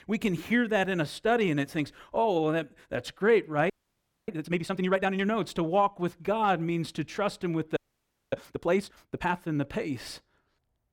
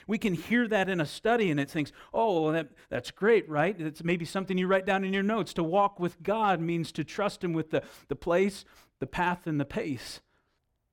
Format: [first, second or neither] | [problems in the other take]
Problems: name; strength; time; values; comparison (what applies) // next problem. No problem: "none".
second | audio freezing; at 3.5 s for 0.5 s and at 8 s for 0.5 s